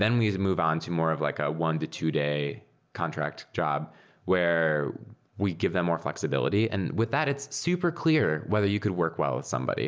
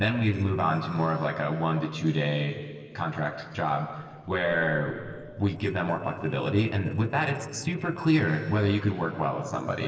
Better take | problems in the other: first | noise reduction (neural separator model SepFormer DNS4)

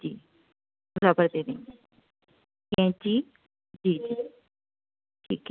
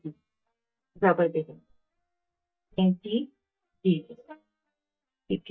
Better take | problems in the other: first | noise reduction (neural mask model DeepFilterNet 3)

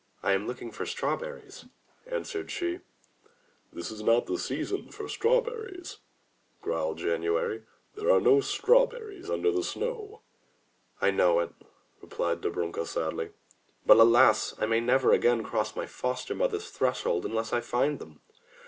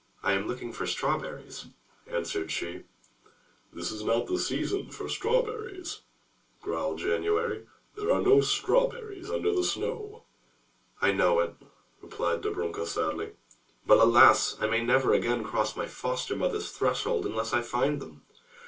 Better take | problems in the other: first | room echo; dies away in 0.2 s

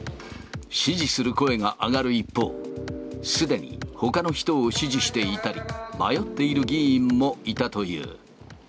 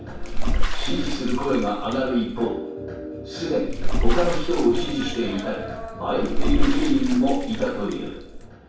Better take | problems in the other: first | background sound (Bathtub (filling or washing) / Water / Splash, splatter); 3 dB above the speech // room echo; dies away in 0.7 s

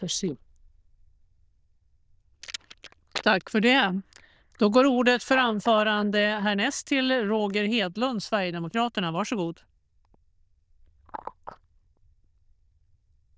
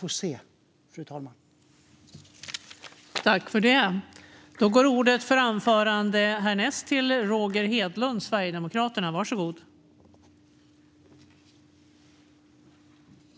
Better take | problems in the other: second | noise reduction (neural diffusion model UNIVERSE++)

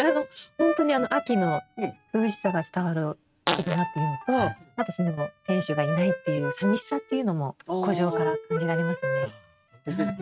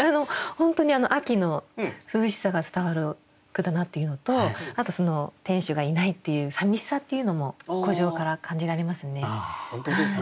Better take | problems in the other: second | noise reduction (neural mask model RNNoise)

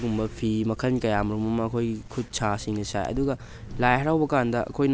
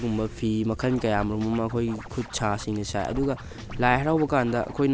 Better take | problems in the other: first | background sound (Scratching (performance technique)); 17 dB below the speech

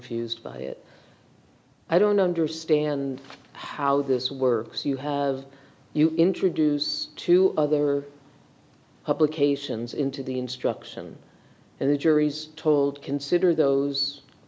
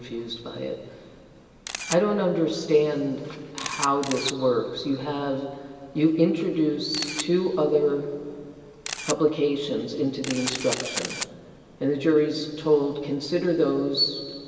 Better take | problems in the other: first | background sound (Camera); 13 dB below the speech // room echo; dies away in 2.4 s

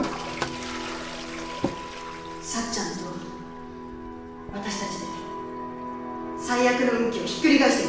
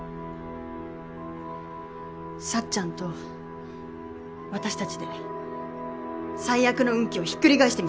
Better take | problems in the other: second | background sound (Toilet flush); 11 dB below the speech // room echo; dies away in 0.9 s

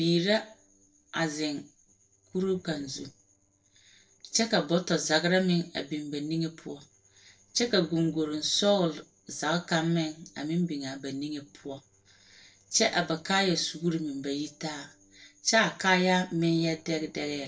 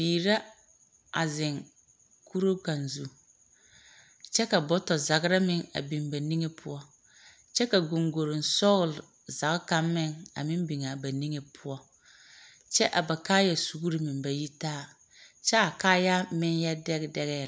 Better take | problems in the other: second | noise reduction (neural separator model SepFormer DNS4)

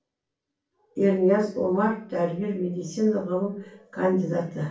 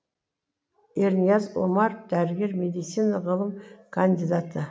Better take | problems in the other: second | room echo; dies away in 0.2 s

